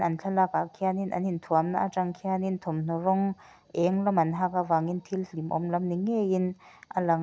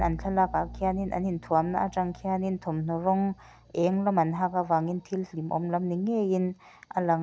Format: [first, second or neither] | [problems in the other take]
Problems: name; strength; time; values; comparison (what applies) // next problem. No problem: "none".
first | background sound (Bowed string instrument); 17 dB below the speech